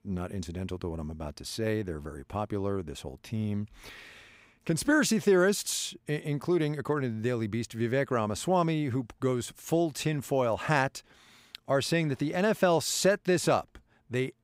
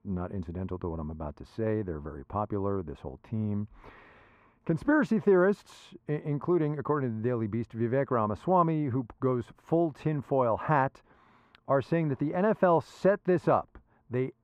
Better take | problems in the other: first | muffled; very; fading above 3 kHz

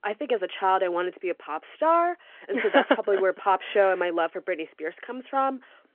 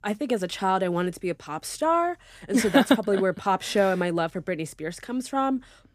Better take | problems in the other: second | phone-call audio

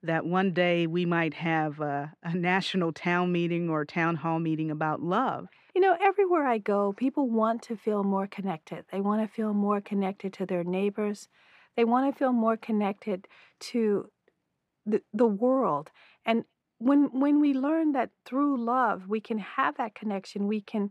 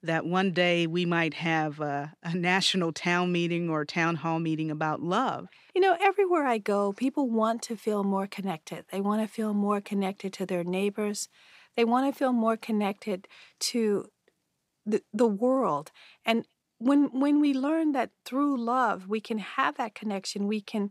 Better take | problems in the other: second | muffled; slightly; fading above 3.5 kHz

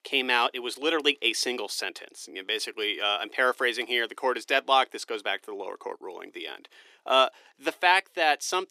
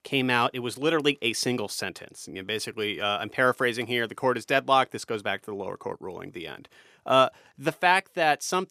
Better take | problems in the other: second | thin; somewhat; fading below 350 Hz

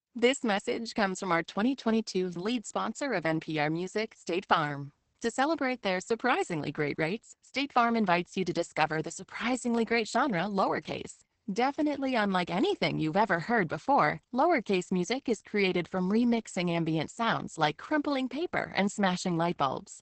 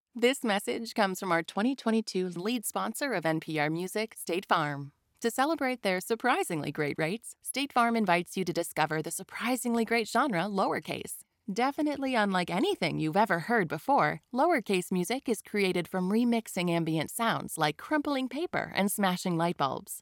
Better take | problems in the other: second | garbled, watery; badly; nothing above 8 kHz

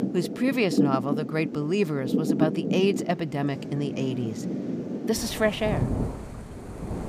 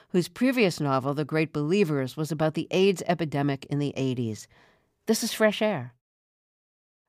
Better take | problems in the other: second | rain or running water; loud; throughout; 3 dB below the speech

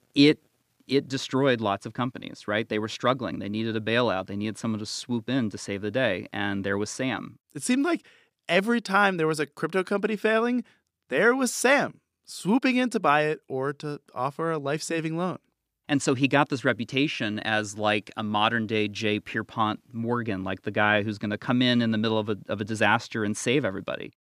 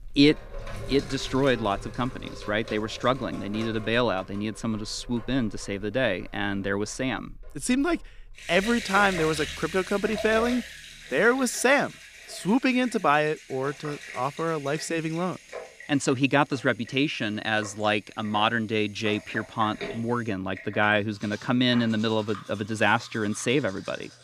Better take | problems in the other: first | household noises; noticeable; throughout; 15 dB below the speech

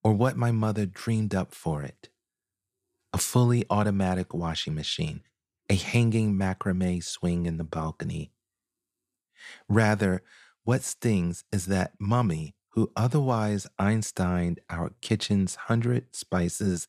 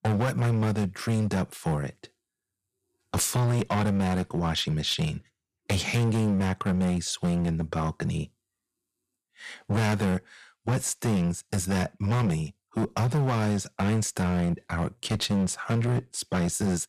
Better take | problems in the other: first | distortion; heavy; 16% of the sound clipped

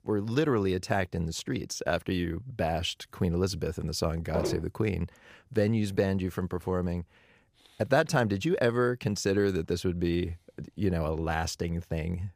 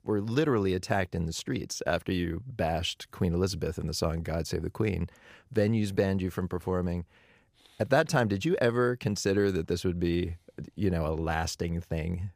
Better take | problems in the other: second | footsteps; noticeable; at 4.5 s; peak 3 dB below the speech

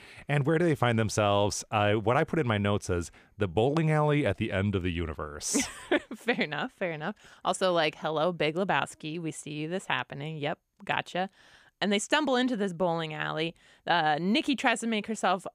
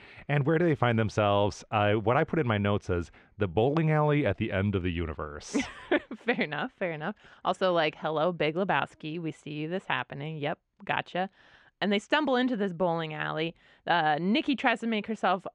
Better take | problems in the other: first | muffled; slightly; fading above 3.5 kHz

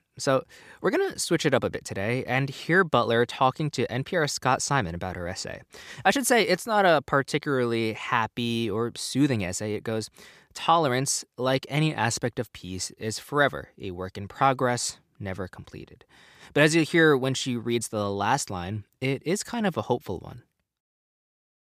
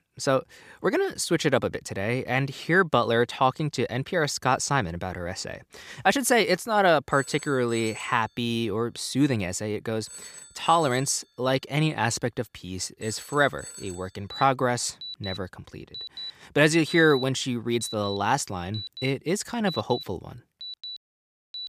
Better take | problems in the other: first | alarms or sirens; noticeable; from 6.5 s on; 15 dB below the speech

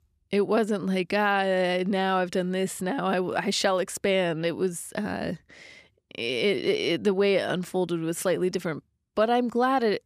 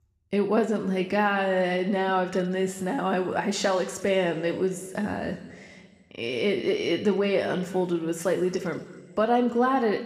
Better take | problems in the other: first | room echo; slight; dies away in 1.6 s

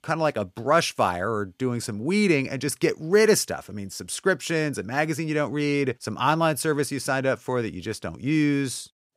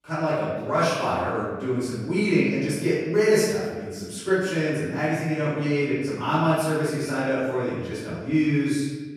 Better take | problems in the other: first | off-mic speech; far // room echo; strong; dies away in 1.3 s

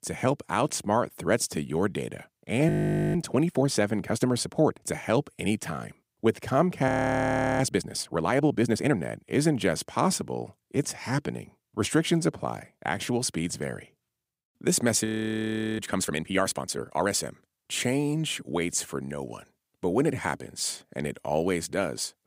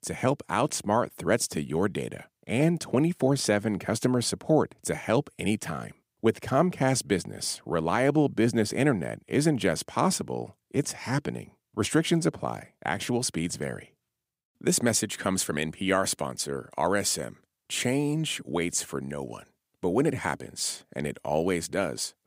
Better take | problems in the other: second | audio freezing; at 2.5 s, at 7 s for 0.5 s and at 15 s for 0.5 s

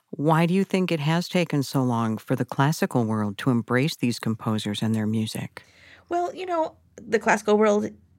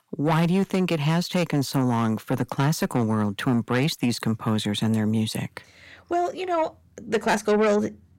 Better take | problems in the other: first | distortion; slight; 10 dB below the speech

